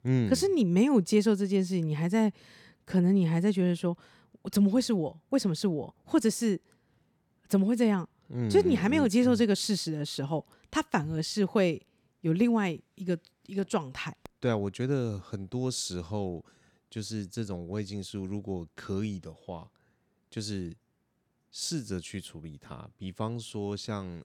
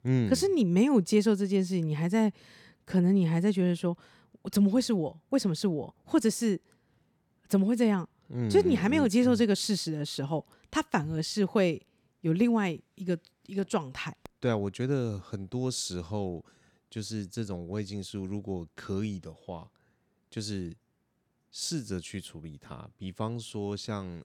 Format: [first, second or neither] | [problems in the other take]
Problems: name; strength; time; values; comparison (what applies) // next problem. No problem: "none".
neither | none